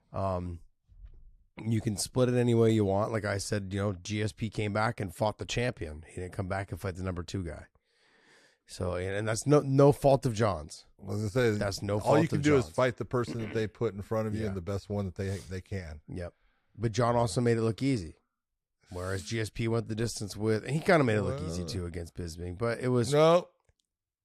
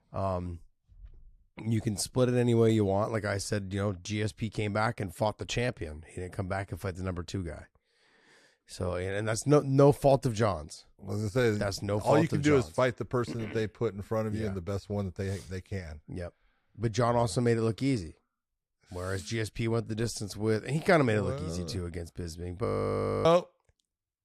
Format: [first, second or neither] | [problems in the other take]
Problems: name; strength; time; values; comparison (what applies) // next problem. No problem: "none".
first | audio freezing; at 23 s for 0.5 s